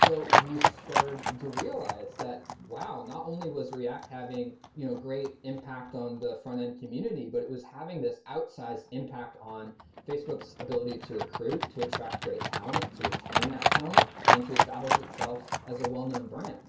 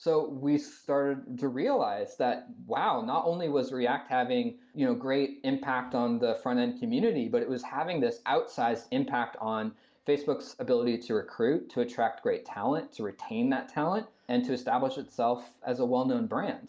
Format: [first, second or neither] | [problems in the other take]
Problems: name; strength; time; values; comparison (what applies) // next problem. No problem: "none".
second | background sound (Livestock, farm animals, working animals); 5 dB above the speech // room echo; dies away in 0.2 s